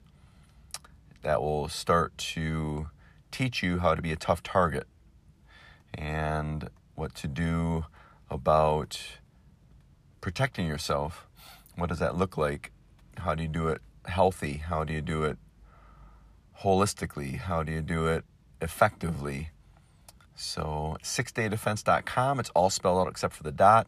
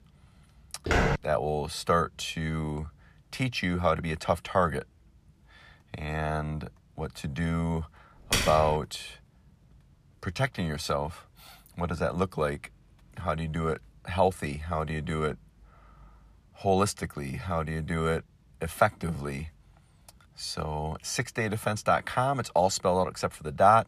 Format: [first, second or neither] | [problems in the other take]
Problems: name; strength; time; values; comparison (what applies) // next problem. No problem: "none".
first | footsteps; loud; at 1 s; peak 4 dB above the speech // keyboard typing; loud; at 8.5 s; peak 3 dB above the speech